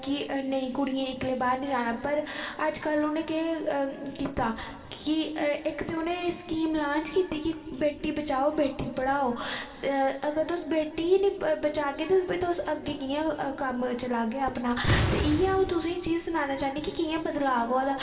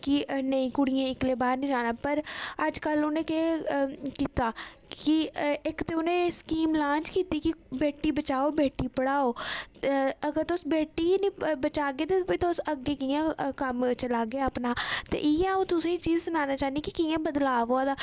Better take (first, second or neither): second